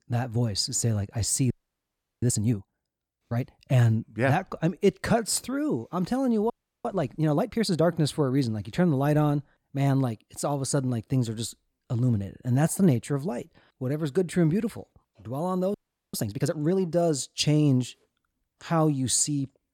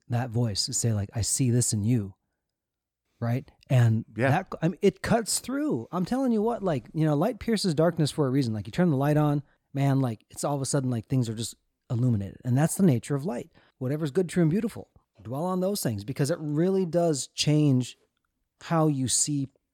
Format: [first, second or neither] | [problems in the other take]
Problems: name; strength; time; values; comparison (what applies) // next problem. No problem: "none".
second | audio freezing; at 1.5 s for 0.5 s, at 6.5 s and at 16 s